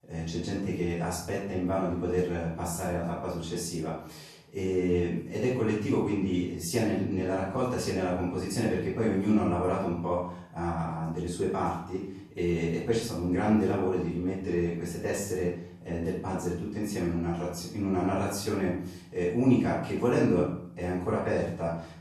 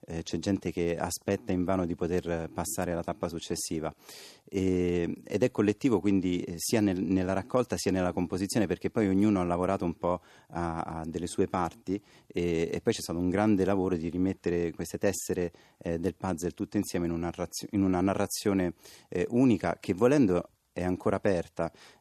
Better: second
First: off-mic speech; far // room echo; noticeable; dies away in 0.6 s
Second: none

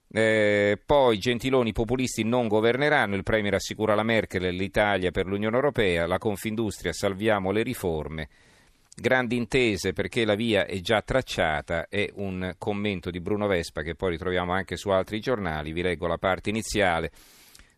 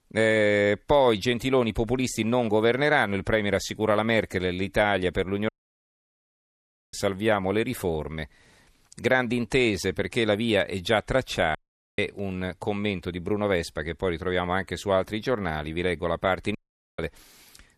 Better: first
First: none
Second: audio cutting out; at 5.5 s for 1.5 s, at 12 s and at 17 s

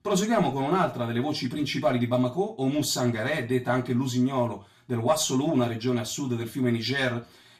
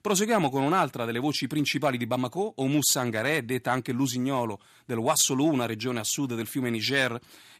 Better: second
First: room echo; very slight; dies away in 0.3 s // off-mic speech; far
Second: none

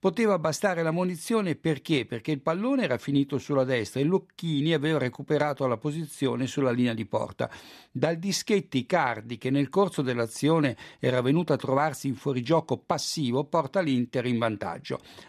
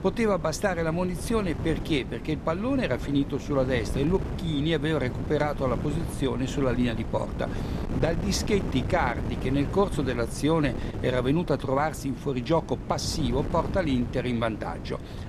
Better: first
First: none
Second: wind noise on the microphone; occasional gusts; 10 dB below the speech

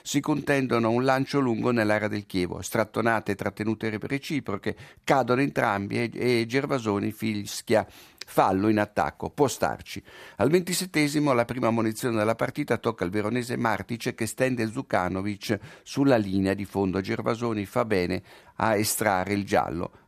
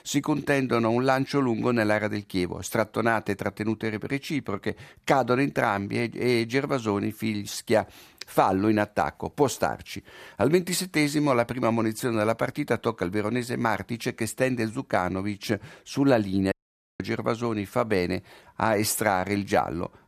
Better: first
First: none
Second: audio cutting out; at 17 s

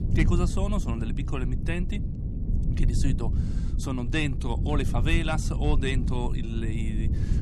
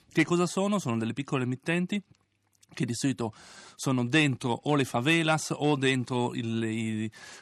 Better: second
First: low rumble; loud; throughout; 8 dB below the speech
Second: none

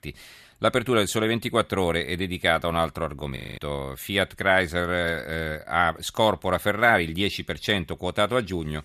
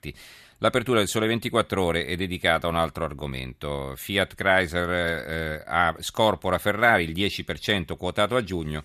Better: second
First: audio freezing; at 3.5 s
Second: none

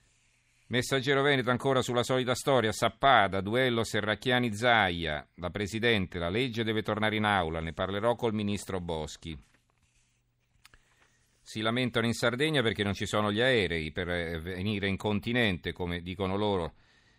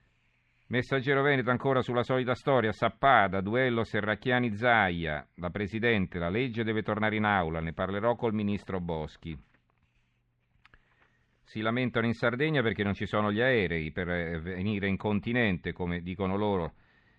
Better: first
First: none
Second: muffled; slightly; fading above 2 kHz

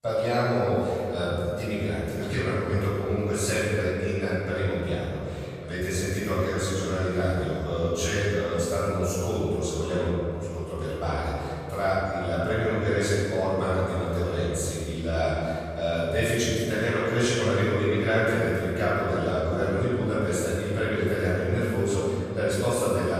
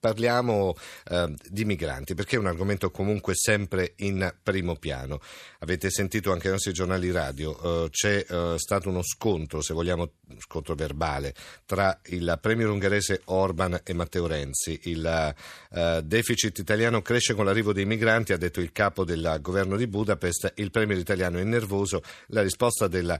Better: second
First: room echo; strong; dies away in 2.8 s // off-mic speech; far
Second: none

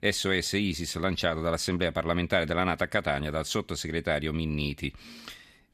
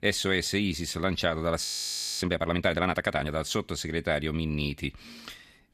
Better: first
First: none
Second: audio freezing; at 1.5 s for 0.5 s

